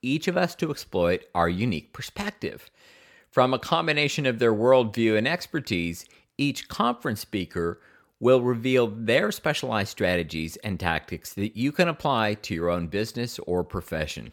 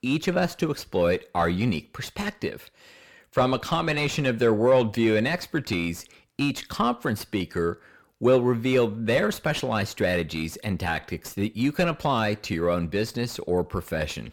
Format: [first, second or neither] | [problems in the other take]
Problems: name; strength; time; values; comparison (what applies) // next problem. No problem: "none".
first | distortion; slight; 10 dB below the speech